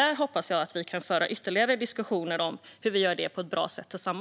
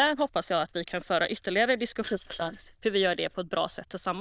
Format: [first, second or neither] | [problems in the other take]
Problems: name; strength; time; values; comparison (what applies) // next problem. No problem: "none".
first | noise reduction (neural diffusion model UNIVERSE++)